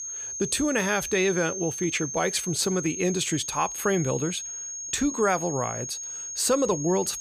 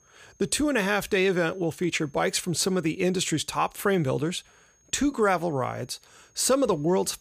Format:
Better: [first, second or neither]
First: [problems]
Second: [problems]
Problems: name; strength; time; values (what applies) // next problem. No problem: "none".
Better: second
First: high-pitched whine; loud; throughout; 6.5 kHz, 6 dB below the speech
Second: high-pitched whine; faint; throughout; 6.5 kHz, 35 dB below the speech